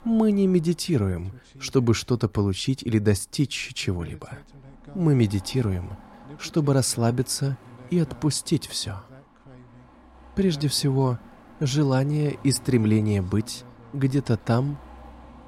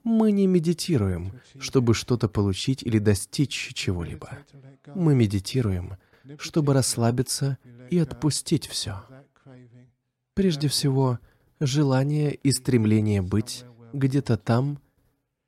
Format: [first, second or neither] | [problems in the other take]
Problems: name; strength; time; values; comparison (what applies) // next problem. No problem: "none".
second | traffic noise; faint; throughout; 25 dB below the speech